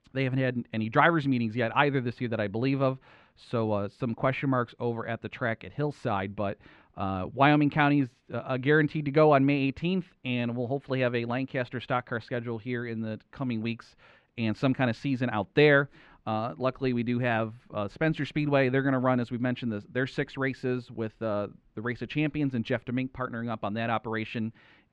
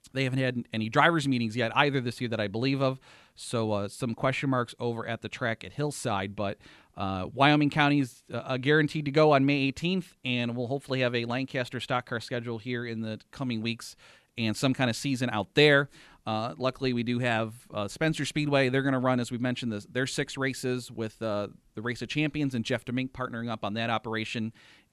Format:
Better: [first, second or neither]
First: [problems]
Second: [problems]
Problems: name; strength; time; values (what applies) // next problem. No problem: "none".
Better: second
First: muffled; slightly; fading above 2.5 kHz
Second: none